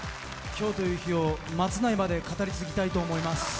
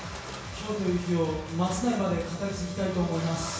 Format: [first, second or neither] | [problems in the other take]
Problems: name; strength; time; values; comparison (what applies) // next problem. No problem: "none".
first | background sound (Crushing); 18 dB below the speech // room echo; dies away in 0.7 s